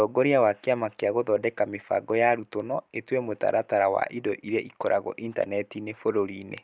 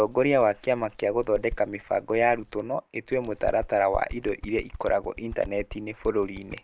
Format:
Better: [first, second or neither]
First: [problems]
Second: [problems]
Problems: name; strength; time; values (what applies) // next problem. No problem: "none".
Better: first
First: none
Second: background sound (Bird); 15 dB below the speech